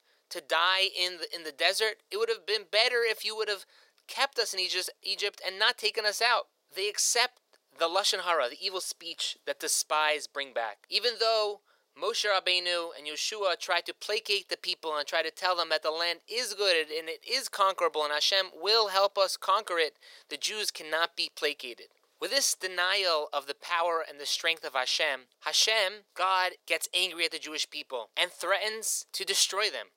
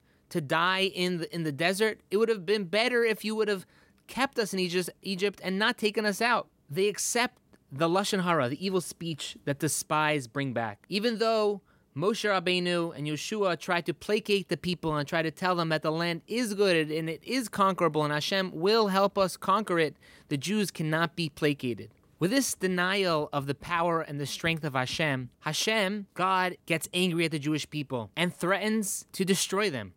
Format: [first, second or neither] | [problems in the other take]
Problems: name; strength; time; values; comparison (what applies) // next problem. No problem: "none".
second | thin; very; fading below 500 Hz